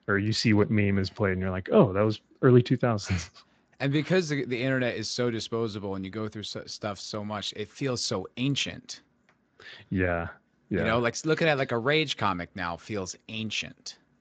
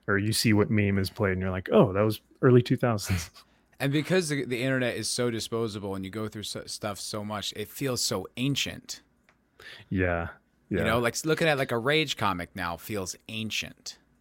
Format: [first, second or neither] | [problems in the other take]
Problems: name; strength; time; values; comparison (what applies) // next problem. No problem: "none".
second | garbled, watery; slightly; nothing above 7.5 kHz